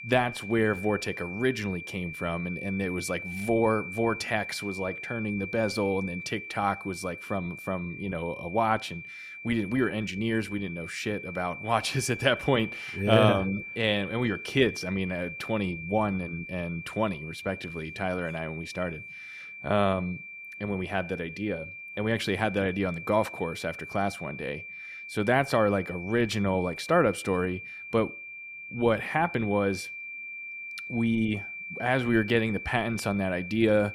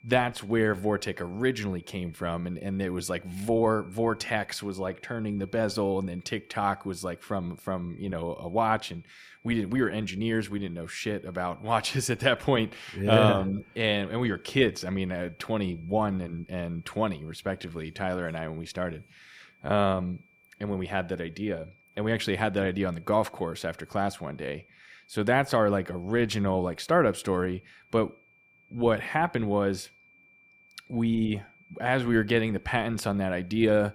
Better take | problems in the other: second | high-pitched whine; loud; throughout; 2.5 kHz, 10 dB below the speech; faint in the second

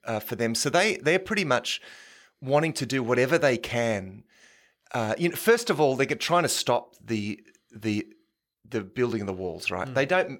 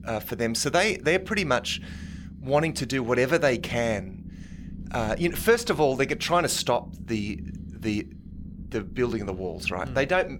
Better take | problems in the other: first | low rumble; faint; throughout; 25 dB below the speech

